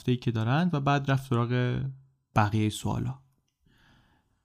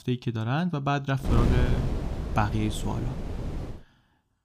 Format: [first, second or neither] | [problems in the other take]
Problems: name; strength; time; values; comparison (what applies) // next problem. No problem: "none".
first | wind noise on the microphone; heavy; from 1.5 to 3.5 s; 7 dB below the speech